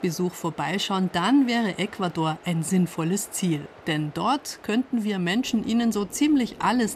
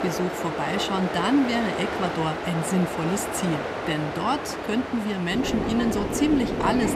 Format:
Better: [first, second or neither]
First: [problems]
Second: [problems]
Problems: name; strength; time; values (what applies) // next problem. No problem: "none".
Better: first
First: train or aircraft noise; faint; throughout; 20 dB below the speech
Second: train or aircraft noise; loud; throughout; 3 dB below the speech